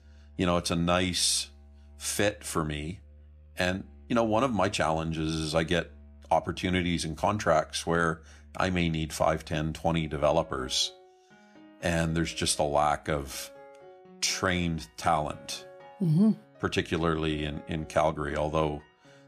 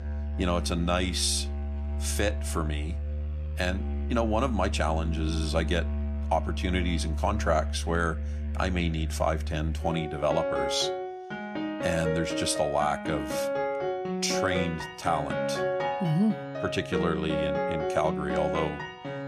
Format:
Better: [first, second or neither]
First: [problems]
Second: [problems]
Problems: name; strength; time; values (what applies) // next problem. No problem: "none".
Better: first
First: background music; faint; throughout; 25 dB below the speech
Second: background music; loud; throughout; 2 dB below the speech